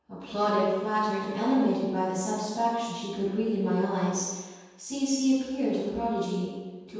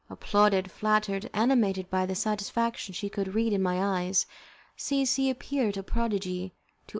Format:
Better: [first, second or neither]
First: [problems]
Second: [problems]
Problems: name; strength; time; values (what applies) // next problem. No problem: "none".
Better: second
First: room echo; dies away in 1.2 s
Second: none